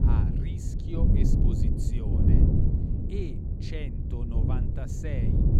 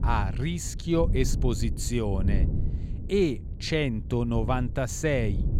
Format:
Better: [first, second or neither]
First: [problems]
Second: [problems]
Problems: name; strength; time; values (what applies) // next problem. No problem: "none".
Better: second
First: wind noise on the microphone; heavy; 5 dB above the speech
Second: wind noise on the microphone; occasional gusts; 15 dB below the speech